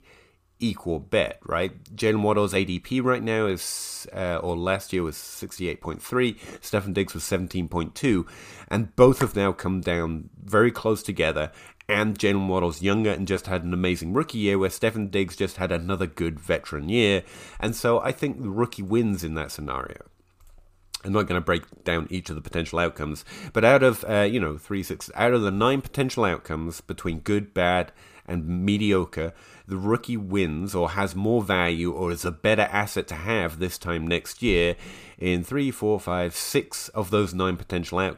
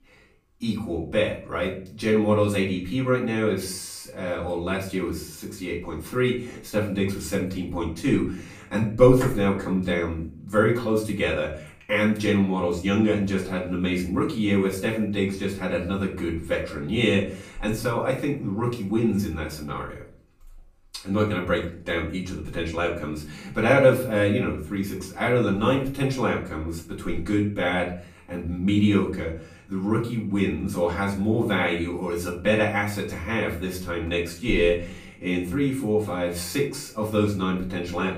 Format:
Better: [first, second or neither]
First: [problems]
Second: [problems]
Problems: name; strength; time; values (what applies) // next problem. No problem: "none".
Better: first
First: none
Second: off-mic speech; far // room echo; slight; dies away in 0.4 s